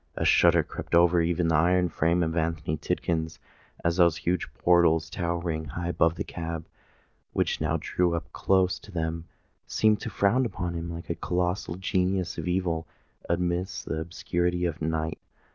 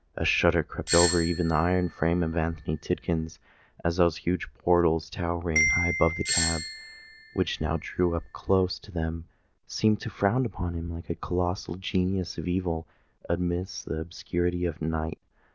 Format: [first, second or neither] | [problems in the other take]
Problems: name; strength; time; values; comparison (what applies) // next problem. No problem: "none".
first | background sound (Doorbell + Marimba, xylophone); 5 dB below the speech